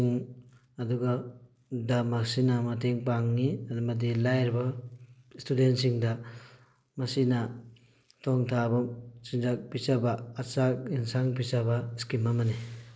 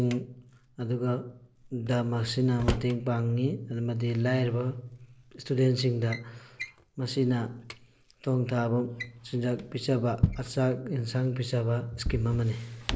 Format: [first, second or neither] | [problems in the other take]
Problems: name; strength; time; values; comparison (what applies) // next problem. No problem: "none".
first | background sound (Drawer open or close); 10 dB below the speech